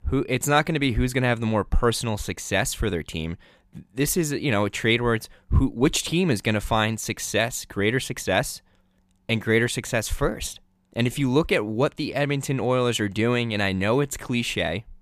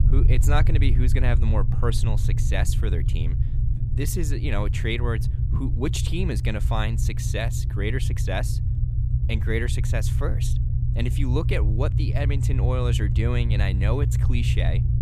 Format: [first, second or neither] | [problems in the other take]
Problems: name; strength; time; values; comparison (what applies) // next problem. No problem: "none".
first | low rumble; loud; throughout; 7 dB below the speech